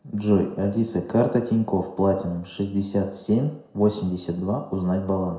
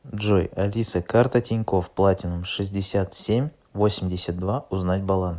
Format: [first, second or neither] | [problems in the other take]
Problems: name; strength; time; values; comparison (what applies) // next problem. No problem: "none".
second | room echo; dies away in 0.6 s